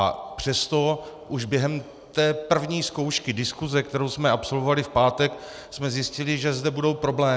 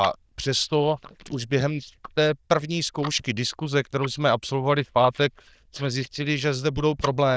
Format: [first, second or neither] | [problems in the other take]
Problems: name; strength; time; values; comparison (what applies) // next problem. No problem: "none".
first | noise reduction (neural diffusion model UNIVERSE++)